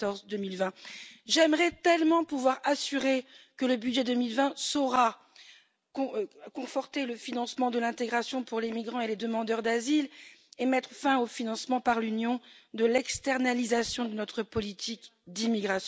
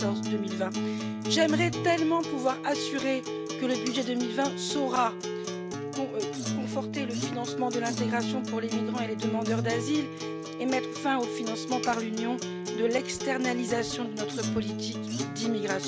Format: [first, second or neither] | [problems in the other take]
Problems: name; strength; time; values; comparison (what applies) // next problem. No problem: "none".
first | background sound (Acoustic guitar); 2 dB below the speech